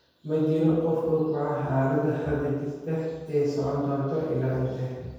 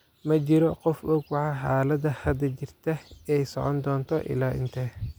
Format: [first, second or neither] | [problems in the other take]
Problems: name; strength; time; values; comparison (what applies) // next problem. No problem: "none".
second | room echo; dies away in 1.2 s